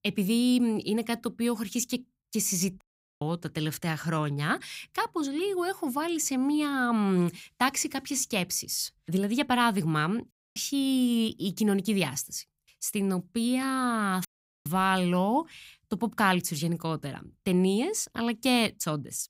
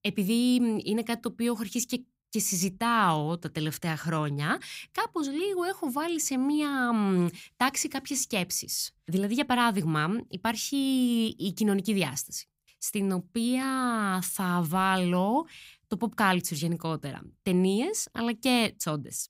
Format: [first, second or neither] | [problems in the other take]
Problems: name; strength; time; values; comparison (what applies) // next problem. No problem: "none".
second | audio cutting out; at 3 s, at 10 s and at 14 s